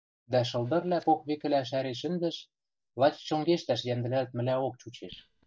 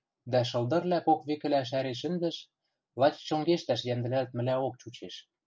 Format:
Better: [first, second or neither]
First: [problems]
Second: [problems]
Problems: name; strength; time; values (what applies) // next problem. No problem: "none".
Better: second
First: noise reduction (neural mask model DeepFilterNet 3)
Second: none